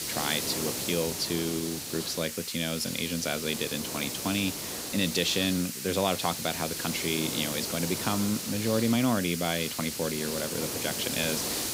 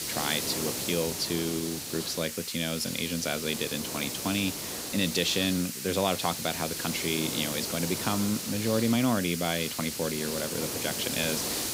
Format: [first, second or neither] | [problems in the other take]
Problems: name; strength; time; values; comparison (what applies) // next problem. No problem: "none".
neither | hiss; loud; throughout; 2 dB below the speech; the same in both